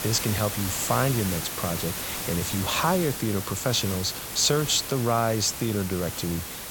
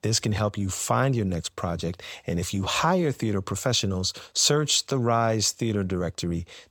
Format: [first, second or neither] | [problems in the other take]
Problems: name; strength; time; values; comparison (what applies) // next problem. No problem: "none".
second | hiss; loud; throughout; 5 dB below the speech